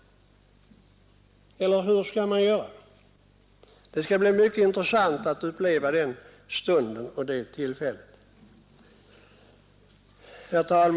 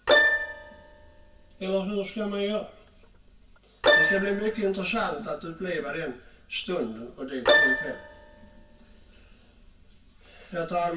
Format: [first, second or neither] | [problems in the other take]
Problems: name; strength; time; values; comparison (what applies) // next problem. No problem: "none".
first | background sound (Keyboard (musical)); 3 dB above the speech // room echo; dies away in 0.1 s